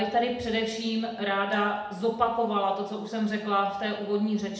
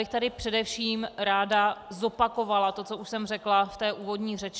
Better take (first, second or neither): second